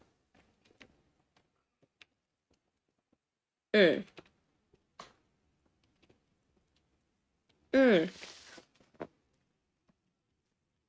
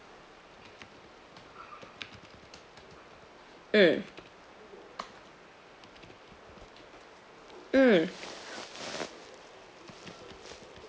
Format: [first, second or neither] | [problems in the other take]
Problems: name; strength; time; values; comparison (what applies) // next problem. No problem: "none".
second | noise reduction (neural mask model RNNoise)